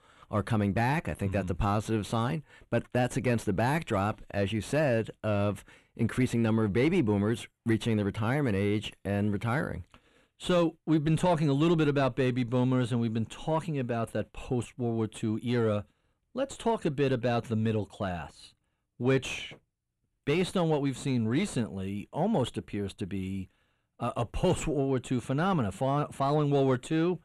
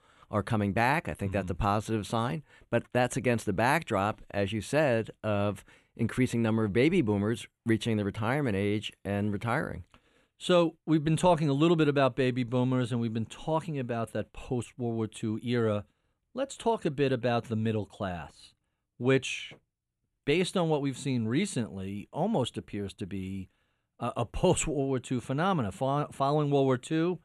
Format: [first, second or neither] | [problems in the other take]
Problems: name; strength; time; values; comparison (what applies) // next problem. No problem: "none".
second | distortion; slight; 10 dB below the speech